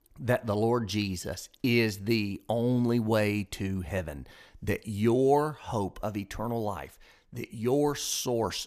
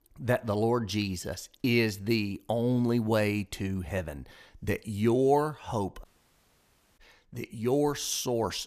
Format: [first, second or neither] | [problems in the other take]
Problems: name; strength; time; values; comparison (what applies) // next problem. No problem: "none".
first | audio cutting out; at 6 s for 1 s